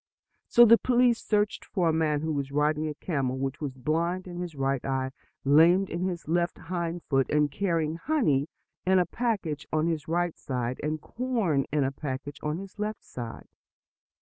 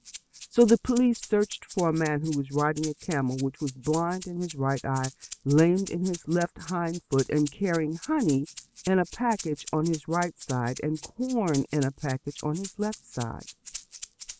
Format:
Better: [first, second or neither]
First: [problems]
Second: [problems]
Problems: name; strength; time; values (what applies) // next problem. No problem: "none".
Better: first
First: none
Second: background sound (Rattle (instrument)); 17 dB below the speech